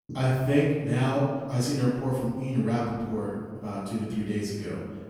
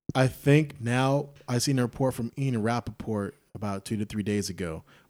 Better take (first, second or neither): second